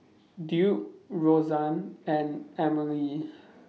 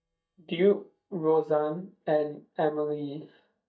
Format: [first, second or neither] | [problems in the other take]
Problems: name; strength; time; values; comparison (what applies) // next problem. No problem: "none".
first | noise reduction (neural mask model DeepFilterNet 3)